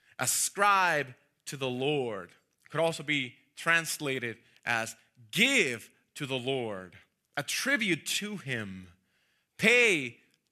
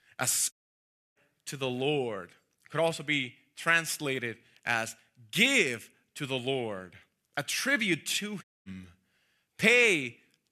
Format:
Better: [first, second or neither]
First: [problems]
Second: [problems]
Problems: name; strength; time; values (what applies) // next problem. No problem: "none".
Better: first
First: none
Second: audio cutting out; at 0.5 s for 0.5 s and at 8.5 s